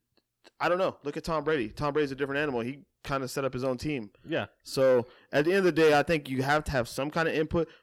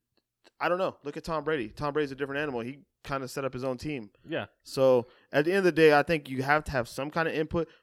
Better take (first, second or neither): second